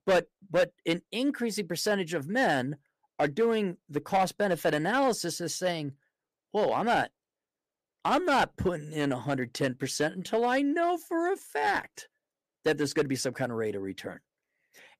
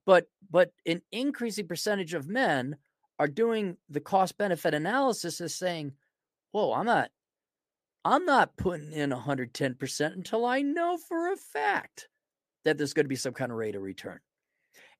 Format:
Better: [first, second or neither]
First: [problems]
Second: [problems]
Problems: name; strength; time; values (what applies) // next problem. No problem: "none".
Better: second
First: distortion; slight; 4% of the sound clipped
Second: none